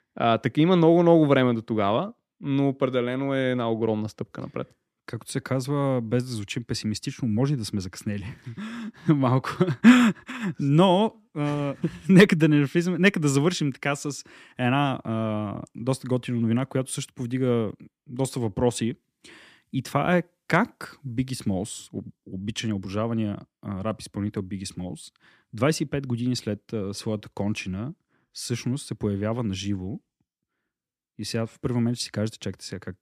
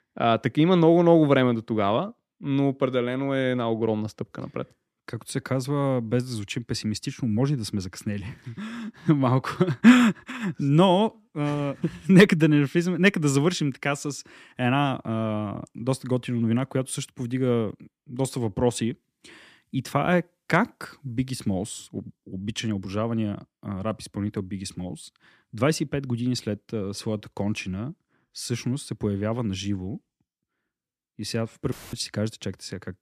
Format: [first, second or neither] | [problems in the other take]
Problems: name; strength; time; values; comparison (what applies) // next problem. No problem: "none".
first | audio cutting out; filled with static; at 32 s